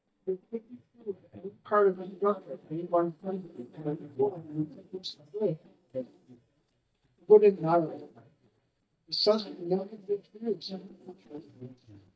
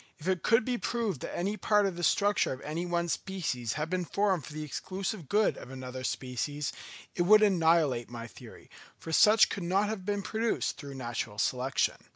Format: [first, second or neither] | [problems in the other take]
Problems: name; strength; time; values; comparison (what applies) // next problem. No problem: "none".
second | noise reduction (neural mask model DeepFilterNet 3)